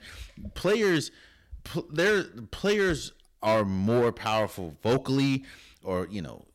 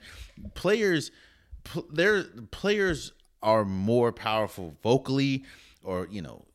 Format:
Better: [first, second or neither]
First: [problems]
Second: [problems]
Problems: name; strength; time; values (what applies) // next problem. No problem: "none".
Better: second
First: distortion; slight; 5% of the sound clipped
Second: none